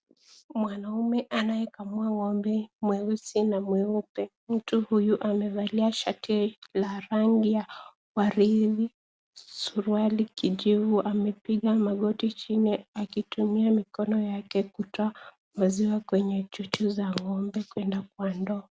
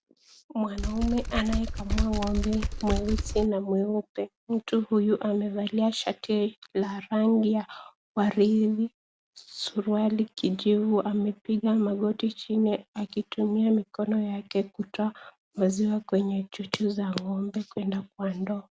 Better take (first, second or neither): first